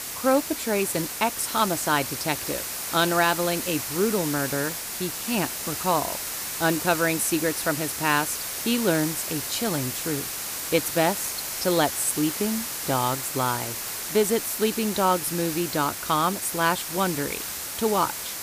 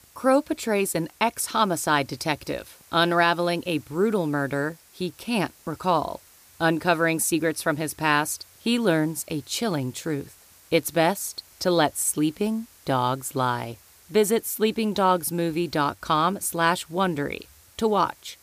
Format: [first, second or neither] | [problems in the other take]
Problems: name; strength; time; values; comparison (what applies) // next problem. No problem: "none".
second | hiss; loud; throughout; 4 dB below the speech; faint in the second